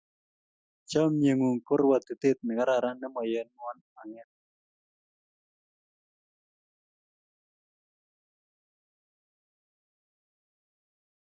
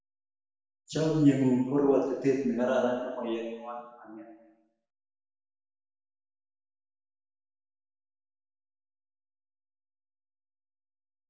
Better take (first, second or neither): first